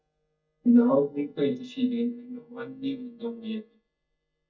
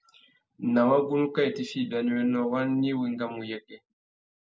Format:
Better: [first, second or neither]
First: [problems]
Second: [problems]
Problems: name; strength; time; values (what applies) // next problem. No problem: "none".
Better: second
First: noise reduction (neural mask model DeepFilterNet 3)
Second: none